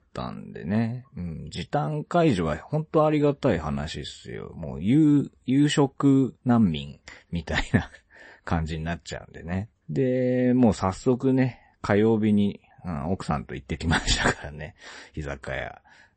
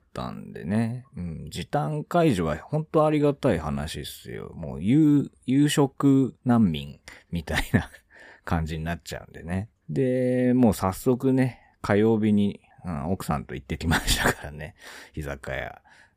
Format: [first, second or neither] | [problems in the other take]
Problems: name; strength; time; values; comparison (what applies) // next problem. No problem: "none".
second | garbled, watery; slightly; nothing above 8 kHz